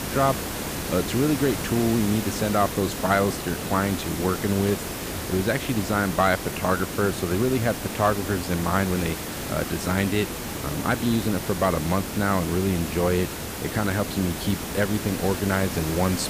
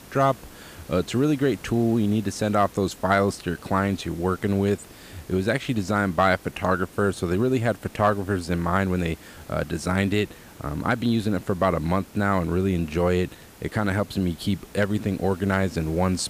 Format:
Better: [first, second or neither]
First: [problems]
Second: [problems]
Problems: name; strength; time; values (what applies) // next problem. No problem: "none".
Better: second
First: hiss; loud; throughout; 5 dB below the speech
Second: hiss; faint; throughout; 20 dB below the speech